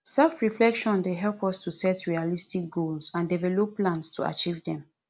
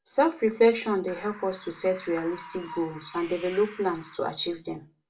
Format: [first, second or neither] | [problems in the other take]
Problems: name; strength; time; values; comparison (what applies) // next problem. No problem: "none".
first | background sound (Bird); 17 dB below the speech // room echo; dies away in 0.2 s